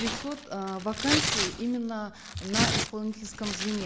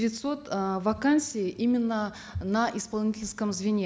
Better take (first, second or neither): second